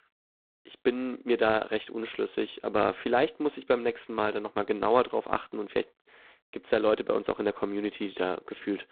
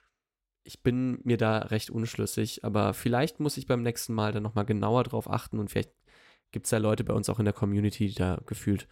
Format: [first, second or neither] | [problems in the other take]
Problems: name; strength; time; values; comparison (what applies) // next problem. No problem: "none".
second | phone-call audio; poor line; nothing above 4 kHz